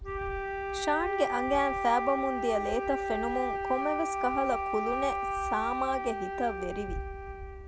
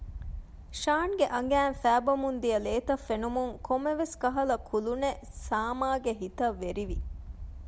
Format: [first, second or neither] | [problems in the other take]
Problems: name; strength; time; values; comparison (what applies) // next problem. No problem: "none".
second | background sound (Wind instrument, woodwind instrument); 2 dB below the speech